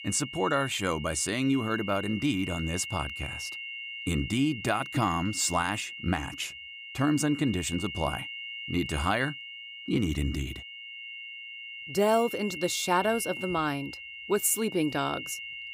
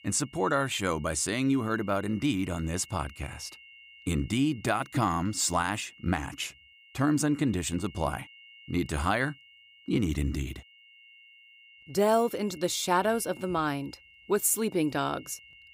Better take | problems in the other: second | high-pitched whine; loud; throughout; 3 kHz, 9 dB below the speech; faint in the second

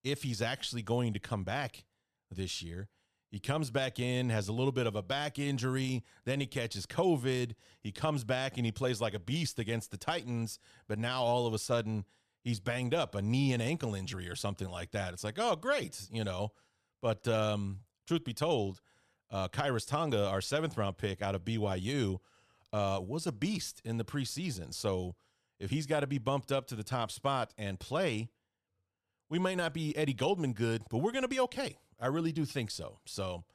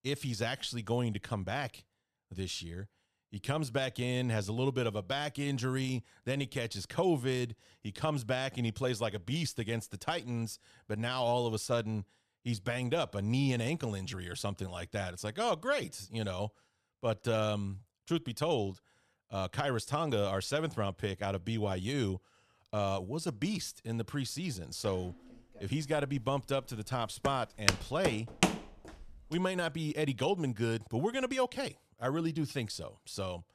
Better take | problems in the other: first | footsteps; loud; from 27 to 29 s; peak 4 dB above the speech

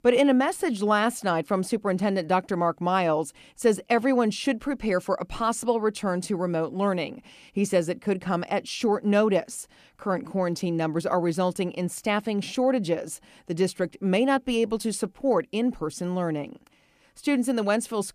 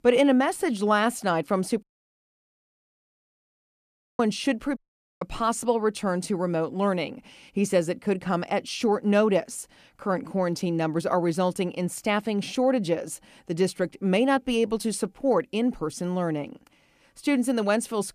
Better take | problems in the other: first | audio cutting out; at 2 s for 2.5 s and at 5 s

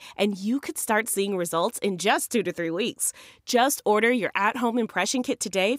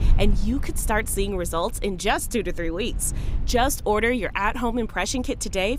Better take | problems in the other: first | low rumble; faint; throughout; 20 dB below the speech

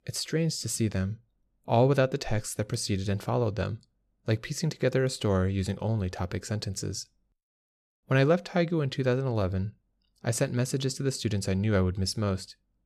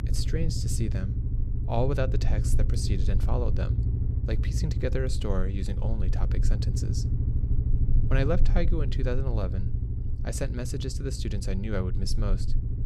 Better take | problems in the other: first | low rumble; loud; throughout; 8 dB below the speech

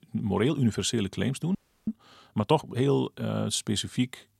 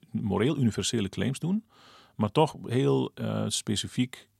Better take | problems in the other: second | audio freezing; at 1.5 s

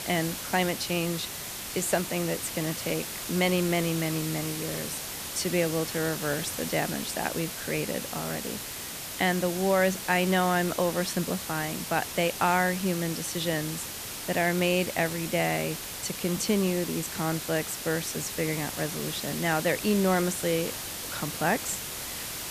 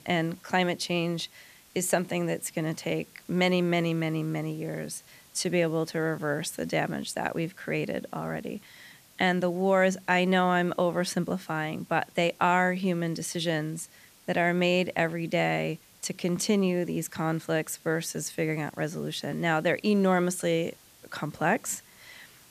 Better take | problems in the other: second | hiss; loud; throughout; 5 dB below the speech; faint in the second

